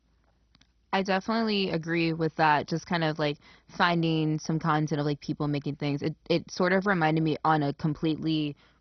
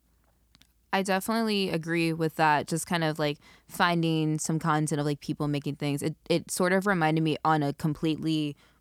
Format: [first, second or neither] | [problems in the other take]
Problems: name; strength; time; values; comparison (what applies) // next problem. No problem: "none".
second | garbled, watery; badly; nothing above 6 kHz